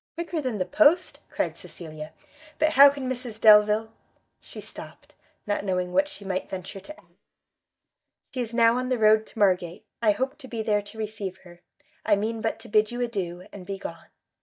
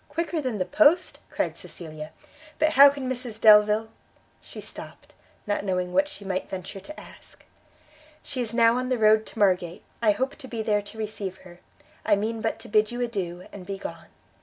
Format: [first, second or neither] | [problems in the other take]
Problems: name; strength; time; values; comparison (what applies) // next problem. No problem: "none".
second | noise reduction (neural mask model DeepFilterNet 3)